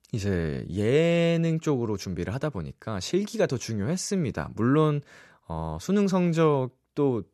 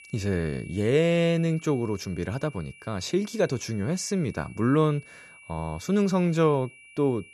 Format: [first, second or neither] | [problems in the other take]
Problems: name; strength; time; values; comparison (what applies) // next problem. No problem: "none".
first | high-pitched whine; faint; throughout; 2.5 kHz, 20 dB below the speech